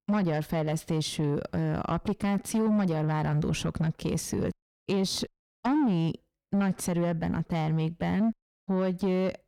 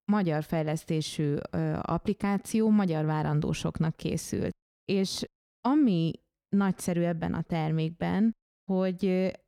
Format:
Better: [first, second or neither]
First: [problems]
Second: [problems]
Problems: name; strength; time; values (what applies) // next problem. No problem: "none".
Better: second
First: distortion; slight; 10 dB below the speech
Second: none